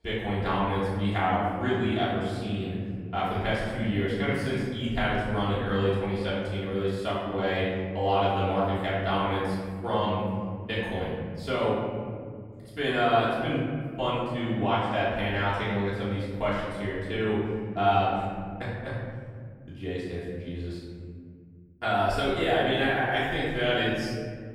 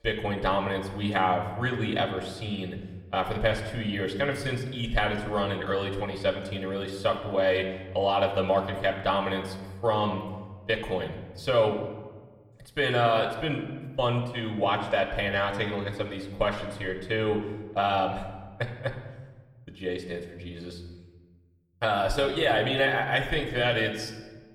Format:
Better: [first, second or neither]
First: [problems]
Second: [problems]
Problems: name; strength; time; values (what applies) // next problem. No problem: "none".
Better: second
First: room echo; strong; dies away in 2.4 s // off-mic speech; far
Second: room echo; slight; dies away in 1 s // off-mic speech; somewhat distant